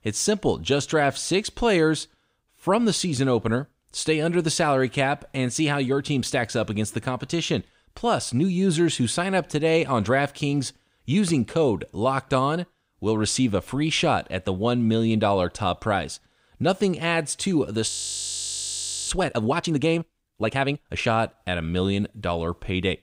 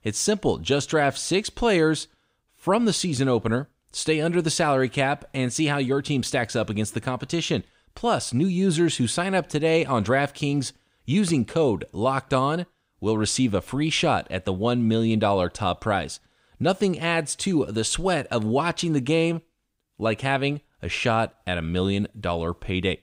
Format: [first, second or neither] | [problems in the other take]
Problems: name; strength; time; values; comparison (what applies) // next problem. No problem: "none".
second | audio freezing; at 18 s for 1 s